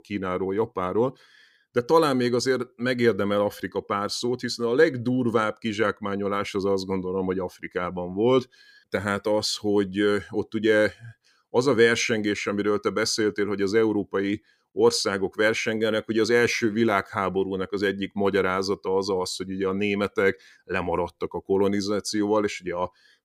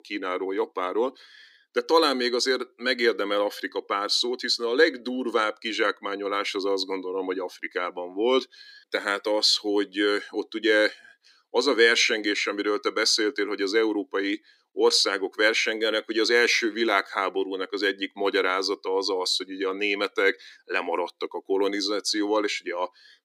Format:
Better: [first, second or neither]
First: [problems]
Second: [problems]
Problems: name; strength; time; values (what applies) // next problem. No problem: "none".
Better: first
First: none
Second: thin; somewhat; fading below 300 Hz